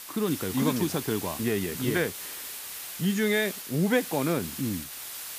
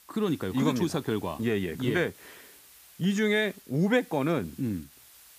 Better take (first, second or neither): second